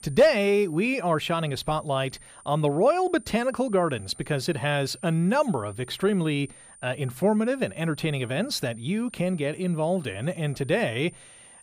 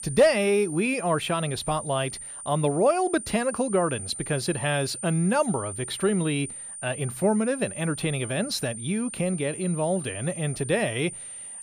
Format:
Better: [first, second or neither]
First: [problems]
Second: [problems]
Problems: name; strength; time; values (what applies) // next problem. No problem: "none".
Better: first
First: high-pitched whine; faint; throughout; 9 kHz, 20 dB below the speech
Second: high-pitched whine; loud; throughout; 9 kHz, 9 dB below the speech